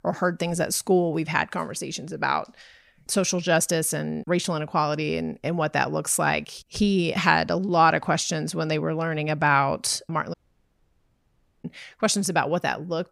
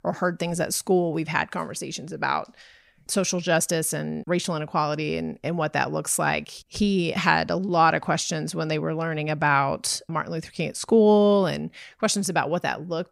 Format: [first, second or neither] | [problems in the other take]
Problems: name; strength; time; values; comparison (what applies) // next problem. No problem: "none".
second | audio cutting out; at 10 s for 1.5 s